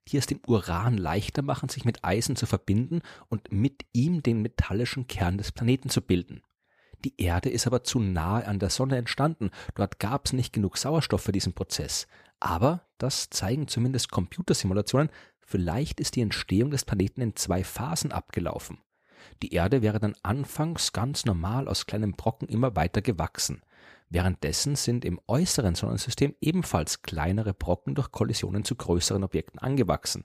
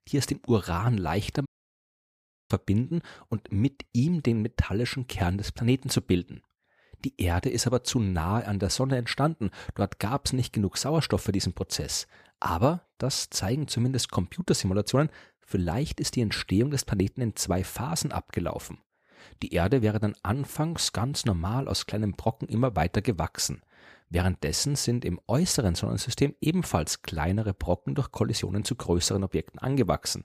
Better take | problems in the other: first | audio cutting out; at 1.5 s for 1 s

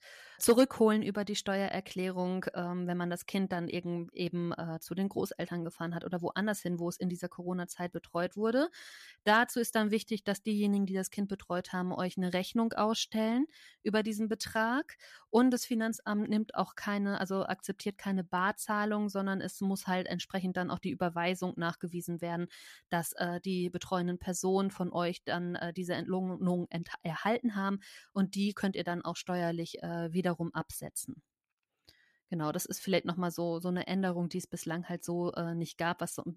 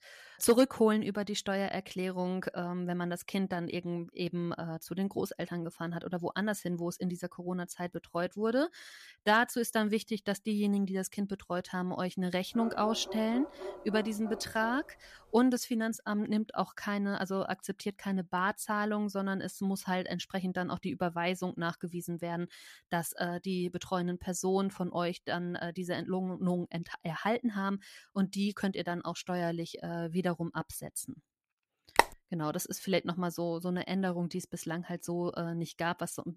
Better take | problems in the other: first | dog barking; noticeable; from 13 to 15 s; peak 8 dB below the speech // phone ringing; very faint; at 32 s; peak 5 dB above the speech

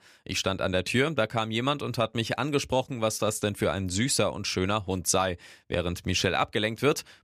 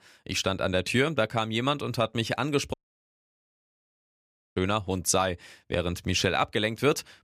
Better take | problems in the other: first | audio cutting out; at 2.5 s for 2 s

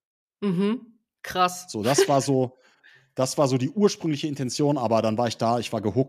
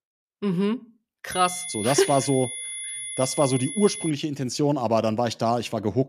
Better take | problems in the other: first | high-pitched whine; loud; from 1.5 to 4 s; 10.5 kHz, 7 dB below the speech

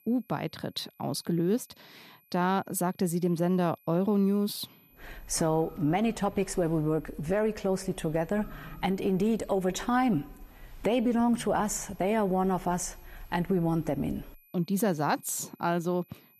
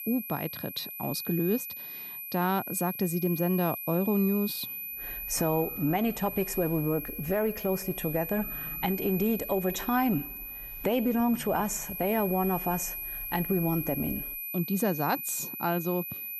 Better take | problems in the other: first | high-pitched whine; loud; throughout; 12 kHz, 6 dB below the speech; faint in the first

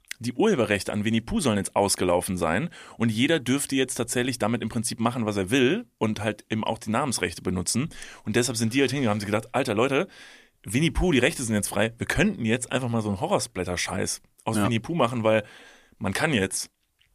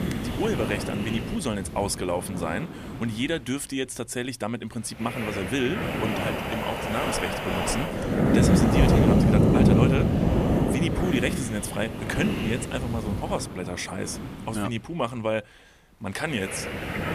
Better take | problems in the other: first | wind noise on the microphone; heavy; 2 dB above the speech

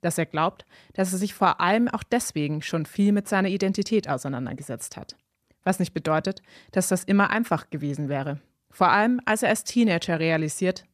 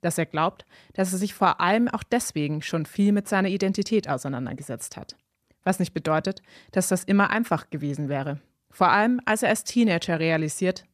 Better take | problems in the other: neither | none

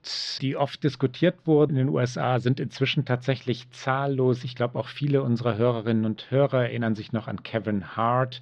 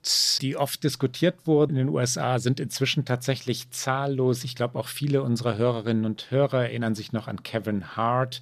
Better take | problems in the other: second | muffled; slightly; fading above 3.5 kHz

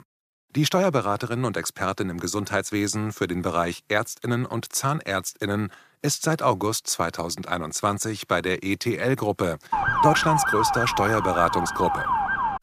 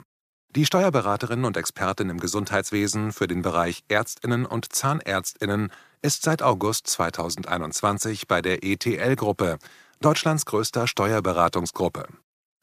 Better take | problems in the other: second | siren; loud; from 9.5 s on; peak 4 dB above the speech

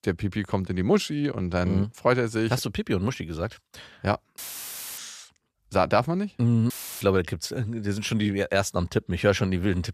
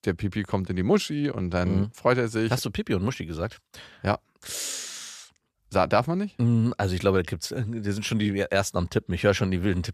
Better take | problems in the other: second | audio cutting out; filled with static; at 4.5 s for 0.5 s and at 6.5 s

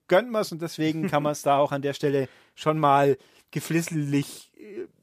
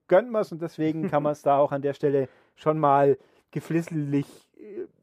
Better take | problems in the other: first | muffled; slightly; fading above 2.5 kHz

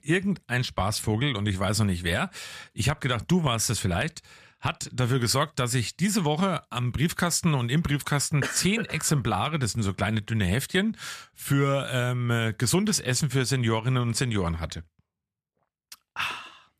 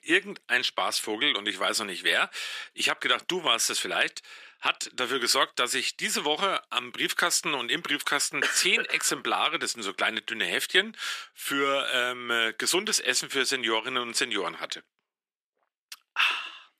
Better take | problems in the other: first | thin; very; fading below 350 Hz

